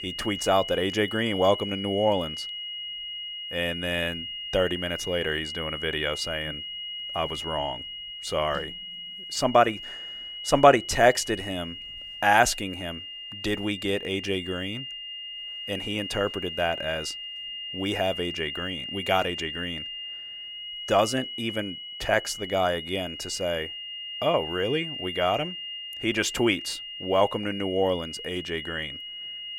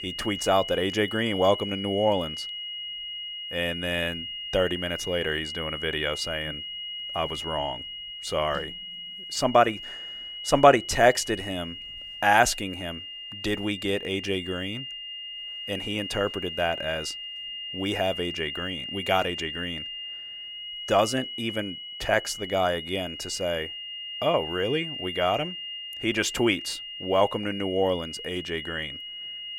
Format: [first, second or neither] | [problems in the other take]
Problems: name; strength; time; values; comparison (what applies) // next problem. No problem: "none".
neither | high-pitched whine; loud; throughout; 3 kHz, 7 dB below the speech; the same in both